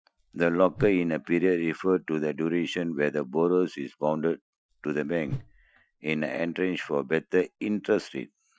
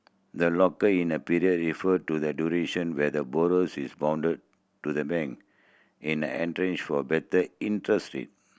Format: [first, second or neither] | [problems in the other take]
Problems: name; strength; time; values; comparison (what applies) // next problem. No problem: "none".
second | noise reduction (classical method Wiener filter)